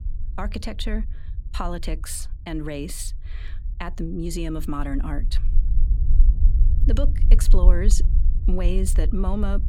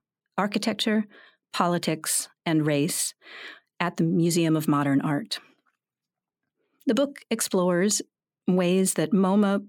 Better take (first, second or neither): second